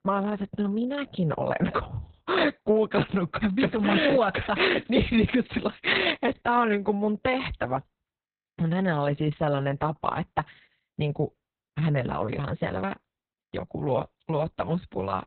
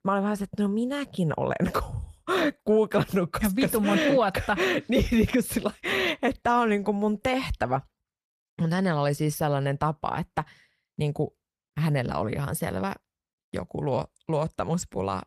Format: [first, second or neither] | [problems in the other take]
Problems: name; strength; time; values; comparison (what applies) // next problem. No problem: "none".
second | garbled, watery; badly; nothing above 4 kHz; slightly in the second